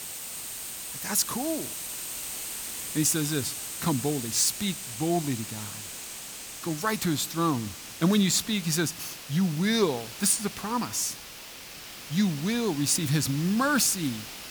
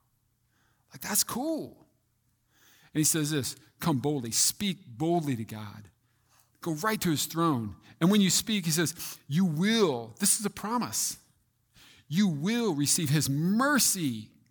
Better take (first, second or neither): second